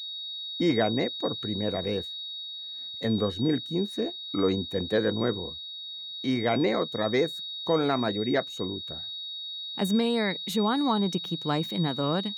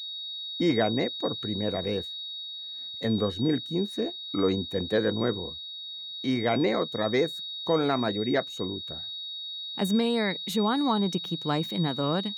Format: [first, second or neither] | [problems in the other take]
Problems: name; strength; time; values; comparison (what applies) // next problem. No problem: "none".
neither | high-pitched whine; loud; throughout; 4 kHz, 7 dB below the speech; the same in both